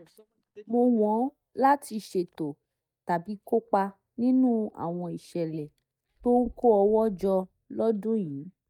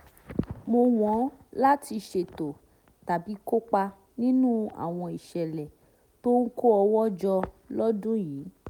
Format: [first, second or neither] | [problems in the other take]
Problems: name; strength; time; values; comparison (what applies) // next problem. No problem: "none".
second | noise reduction (neural mask model DeepFilterNet 3)